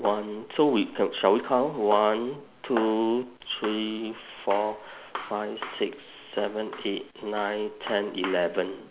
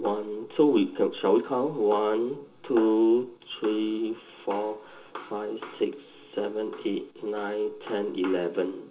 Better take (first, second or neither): first